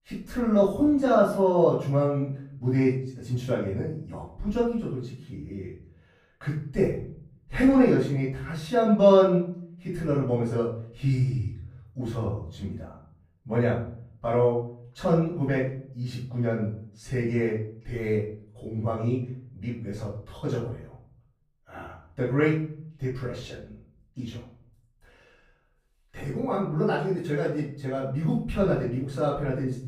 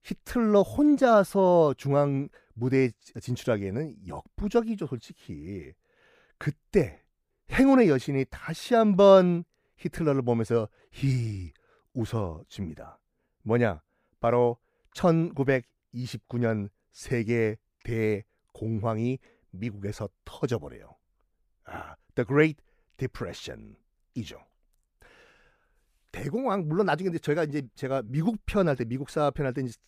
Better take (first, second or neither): second